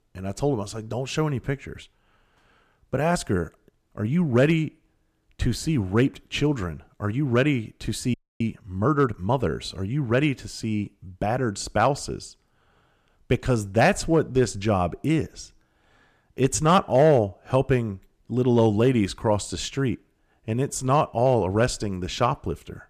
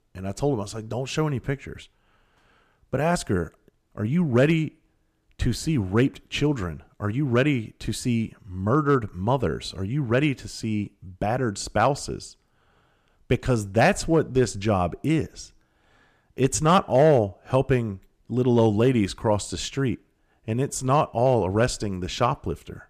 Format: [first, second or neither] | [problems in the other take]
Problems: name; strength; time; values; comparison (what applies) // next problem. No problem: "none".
second | audio freezing; at 8 s